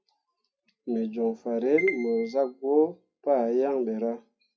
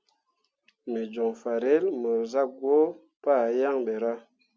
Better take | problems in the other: second | noise reduction (classical method WPE with log-MMSE)

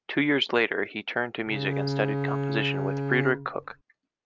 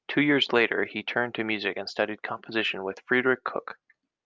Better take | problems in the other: second | background sound (Bowed string instrument); 1 dB below the speech

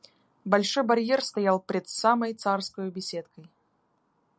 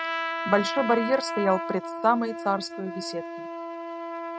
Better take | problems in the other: first | noise reduction (neural mask model RNNoise)

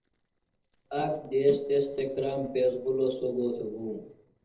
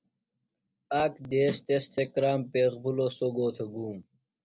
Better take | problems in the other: second | noise reduction (neural separator model SepFormer DNS4)

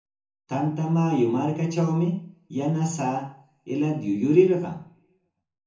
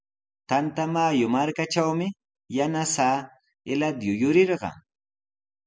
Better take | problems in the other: second | room echo; dies away in 0.6 s

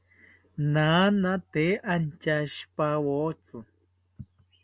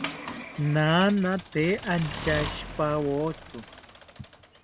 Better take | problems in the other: first | background sound (Accelerating, revving, vroom / Mechanisms); 11 dB below the speech

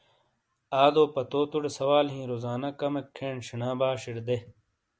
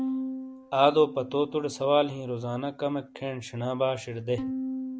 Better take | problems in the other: first | background sound (Bowed string instrument); 9 dB below the speech

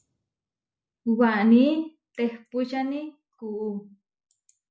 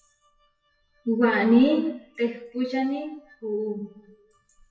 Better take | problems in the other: first | noise reduction (classical method WPE with log-MMSE)

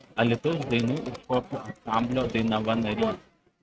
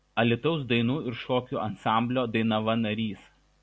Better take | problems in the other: second | noise reduction (neural mask model RNNoise)

